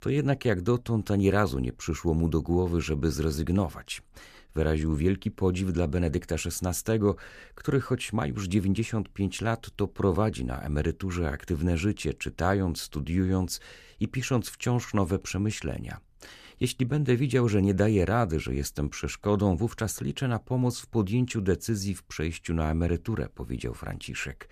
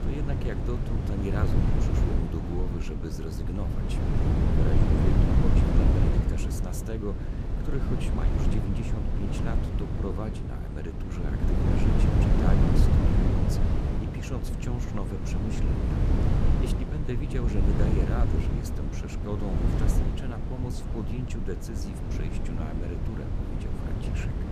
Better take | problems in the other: first | wind noise on the microphone; heavy; 4 dB above the speech

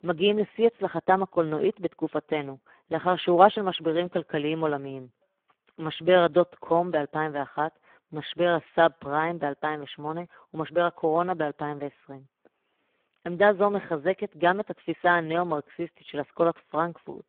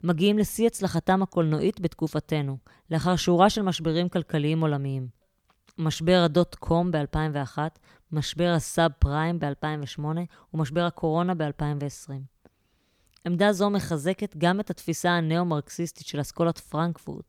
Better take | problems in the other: second | phone-call audio; poor line; nothing above 3.5 kHz

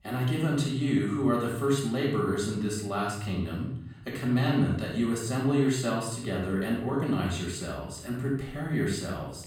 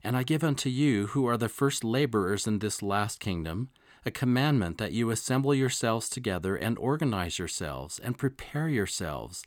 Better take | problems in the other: second | off-mic speech; far // room echo; noticeable; dies away in 0.7 s

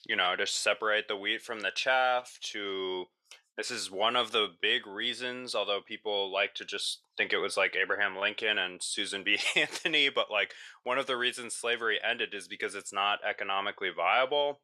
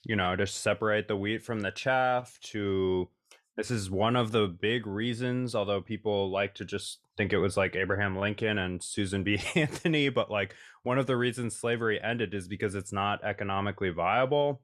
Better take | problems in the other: second | thin; very; fading below 500 Hz

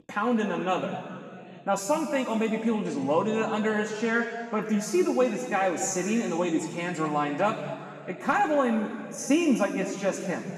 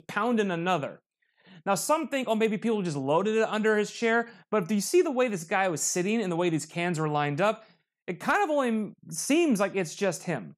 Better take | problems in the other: second | room echo; noticeable; dies away in 2.4 s // off-mic speech; far

